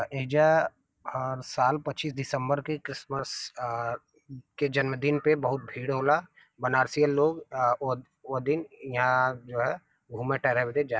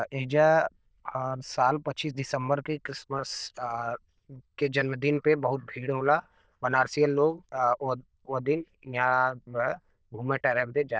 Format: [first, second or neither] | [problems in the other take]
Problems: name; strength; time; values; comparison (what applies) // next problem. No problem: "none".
first | noise reduction (neural diffusion model UNIVERSE++)